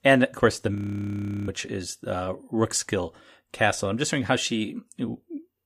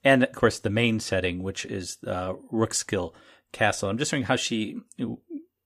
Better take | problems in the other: second | audio freezing; at 1 s for 0.5 s

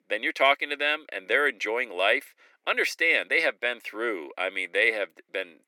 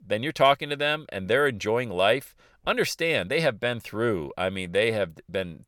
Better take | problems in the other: second | thin; somewhat; fading below 300 Hz

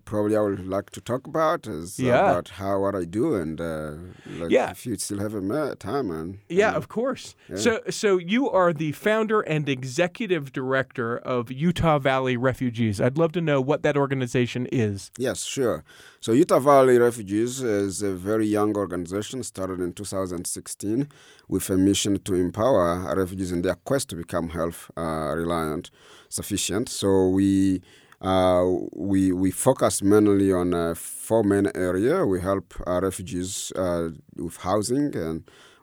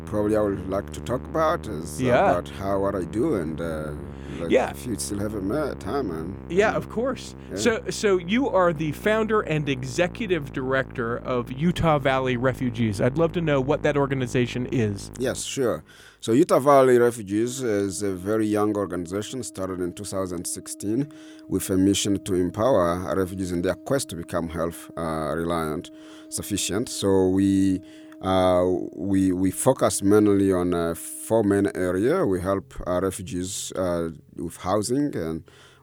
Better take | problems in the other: first | background music; noticeable; throughout; 20 dB below the speech

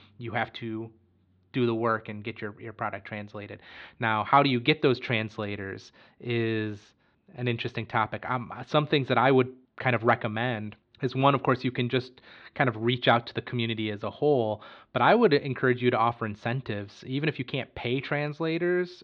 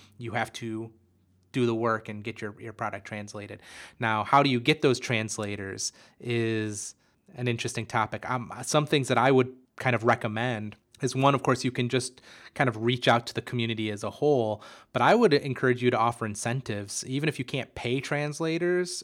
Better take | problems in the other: second | muffled; slightly; fading above 4 kHz

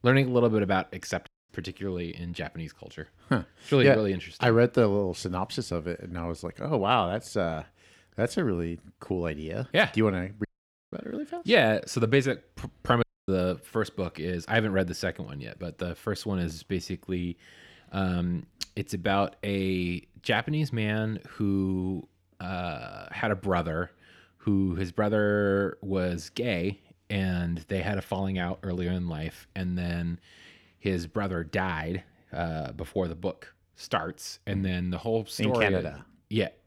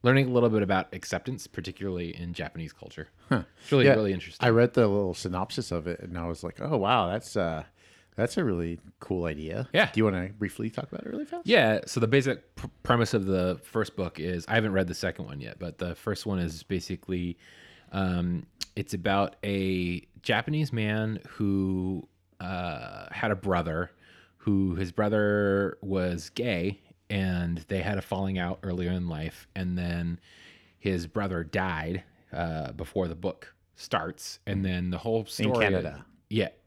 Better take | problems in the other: second | audio cutting out; at 1.5 s, at 10 s and at 13 s

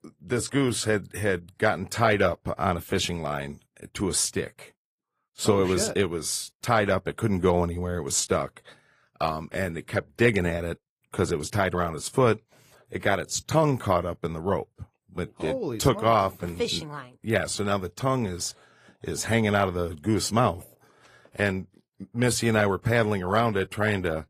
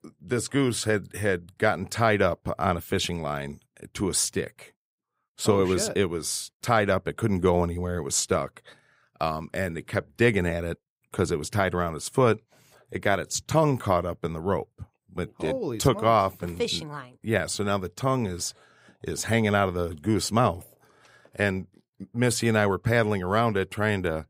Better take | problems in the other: second | garbled, watery; slightly; nothing above 14.5 kHz

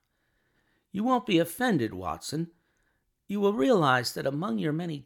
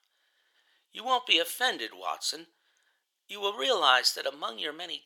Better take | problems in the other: first | thin; very; fading below 550 Hz

